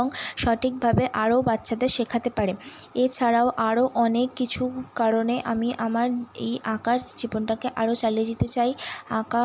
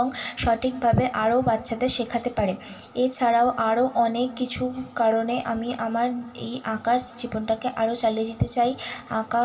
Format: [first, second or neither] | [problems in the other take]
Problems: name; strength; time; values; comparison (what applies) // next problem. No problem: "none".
first | room echo; dies away in 2 s